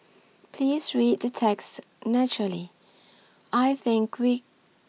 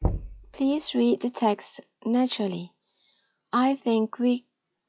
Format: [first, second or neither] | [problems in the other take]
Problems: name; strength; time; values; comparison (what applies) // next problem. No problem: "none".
first | noise reduction (classical method log-MMSE)